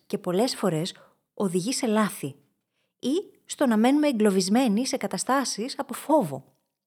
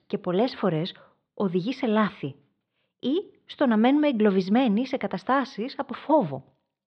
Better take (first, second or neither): first